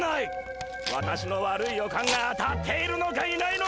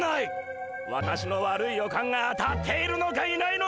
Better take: second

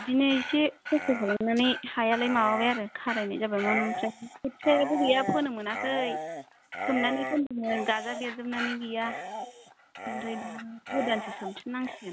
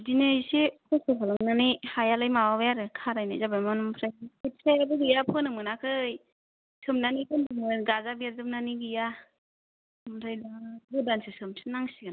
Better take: second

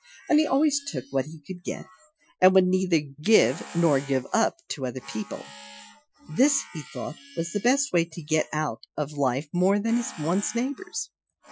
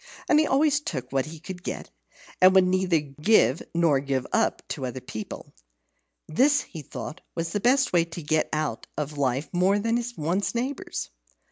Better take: second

